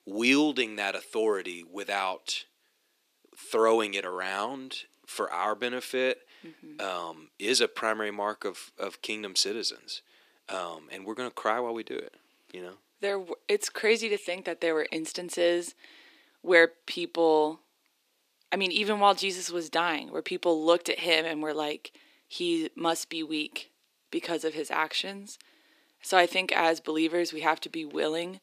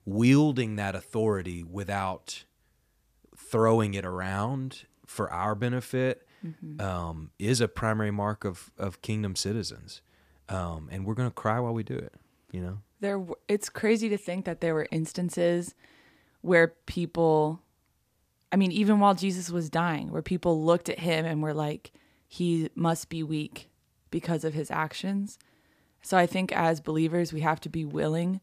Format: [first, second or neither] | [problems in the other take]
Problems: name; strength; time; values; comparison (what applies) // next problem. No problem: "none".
second | thin; somewhat; fading below 300 Hz